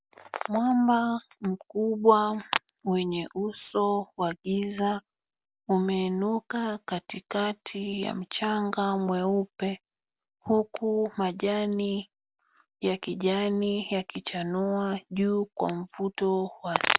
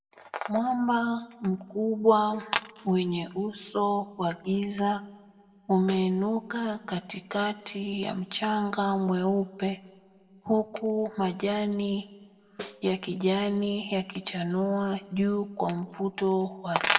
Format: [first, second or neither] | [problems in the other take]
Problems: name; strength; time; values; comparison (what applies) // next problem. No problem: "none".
first | background sound (Snare drum); 19 dB below the speech // room echo; dies away in 1.2 s